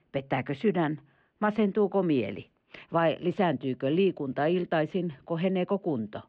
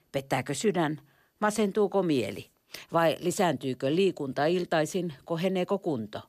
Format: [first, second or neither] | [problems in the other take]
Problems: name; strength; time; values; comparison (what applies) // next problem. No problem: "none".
second | muffled; very; fading above 3 kHz